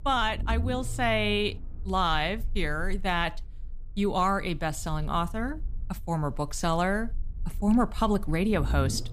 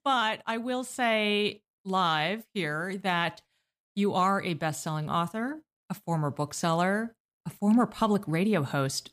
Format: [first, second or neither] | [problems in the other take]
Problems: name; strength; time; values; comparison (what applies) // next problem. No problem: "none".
second | low rumble; faint; throughout; 25 dB below the speech